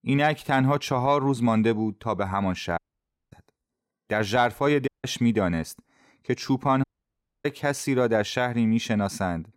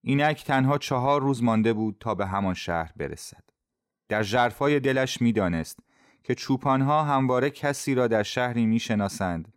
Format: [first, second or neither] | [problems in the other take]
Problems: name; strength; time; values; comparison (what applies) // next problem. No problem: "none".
second | audio cutting out; at 3 s for 0.5 s, at 5 s and at 7 s for 0.5 s